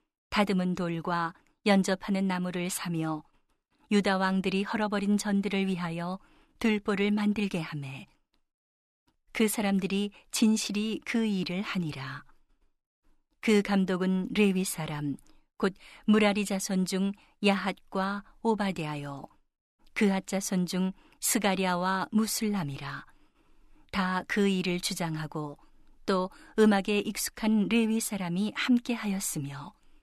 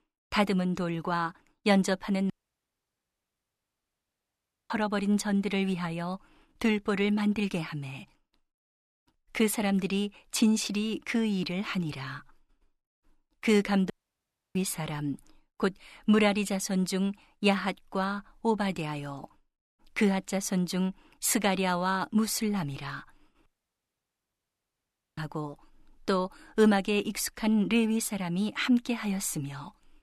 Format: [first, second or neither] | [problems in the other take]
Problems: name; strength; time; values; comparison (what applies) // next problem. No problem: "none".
first | audio cutting out; at 2.5 s for 2.5 s, at 14 s for 0.5 s and at 23 s for 1.5 s